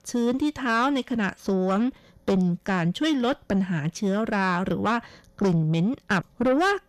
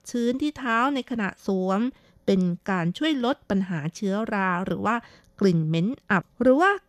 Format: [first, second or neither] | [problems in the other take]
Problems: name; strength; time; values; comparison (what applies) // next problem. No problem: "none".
second | distortion; slight; 10 dB below the speech